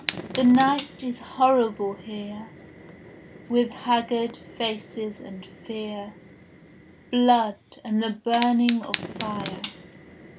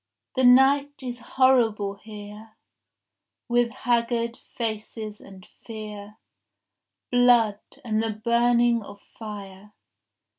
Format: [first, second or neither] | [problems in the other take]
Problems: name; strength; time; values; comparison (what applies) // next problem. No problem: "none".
second | background sound (Fire); 14 dB below the speech